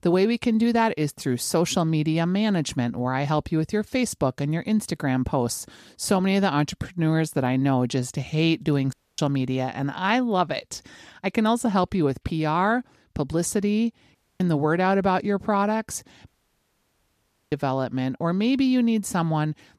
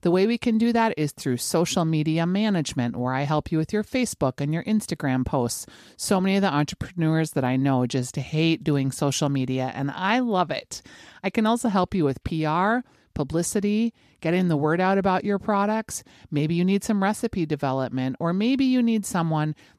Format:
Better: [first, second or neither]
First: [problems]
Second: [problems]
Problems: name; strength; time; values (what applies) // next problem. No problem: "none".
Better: second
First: audio cutting out; at 9 s, at 14 s and at 16 s for 1.5 s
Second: none